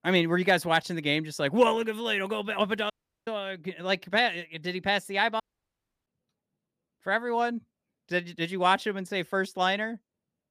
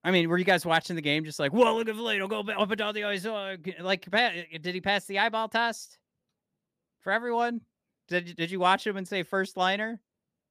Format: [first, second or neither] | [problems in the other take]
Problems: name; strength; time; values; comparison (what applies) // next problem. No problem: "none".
second | audio cutting out; at 3 s and at 5.5 s for 0.5 s